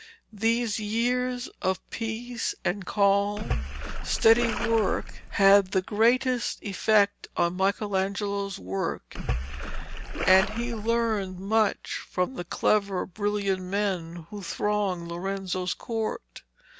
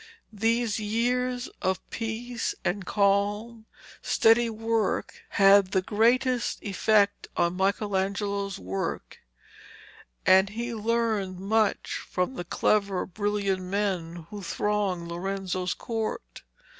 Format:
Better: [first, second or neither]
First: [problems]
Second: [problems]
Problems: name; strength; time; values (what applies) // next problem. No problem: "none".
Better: second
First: background sound (Splash, splatter); 4 dB below the speech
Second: none